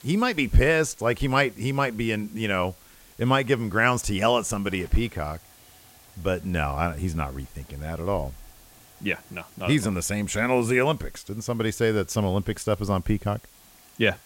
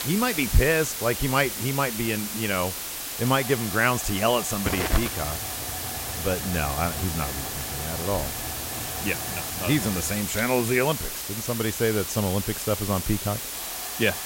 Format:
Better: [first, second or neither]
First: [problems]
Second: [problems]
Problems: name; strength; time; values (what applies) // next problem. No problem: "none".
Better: first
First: hiss; faint; throughout; 25 dB below the speech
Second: hiss; loud; throughout; 3 dB below the speech